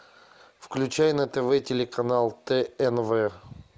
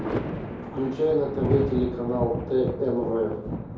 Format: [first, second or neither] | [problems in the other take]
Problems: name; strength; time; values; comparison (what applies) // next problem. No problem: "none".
first | background sound (Thunder); 4 dB below the speech // room echo; dies away in 2.3 s